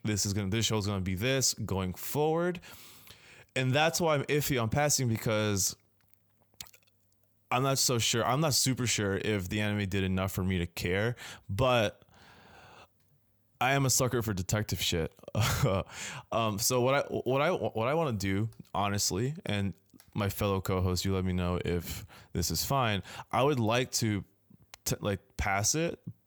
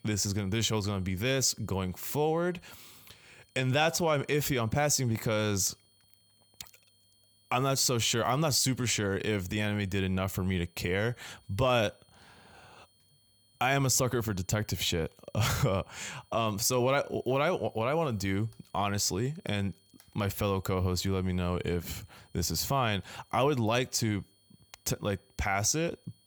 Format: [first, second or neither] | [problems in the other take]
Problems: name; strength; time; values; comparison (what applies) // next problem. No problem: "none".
first | high-pitched whine; faint; throughout; 4.5 kHz, 35 dB below the speech